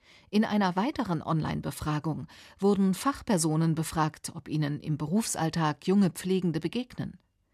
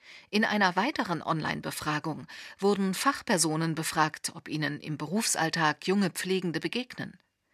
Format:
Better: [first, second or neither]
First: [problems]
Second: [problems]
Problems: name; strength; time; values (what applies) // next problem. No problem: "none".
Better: first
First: none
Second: thin; very slightly; fading below 350 Hz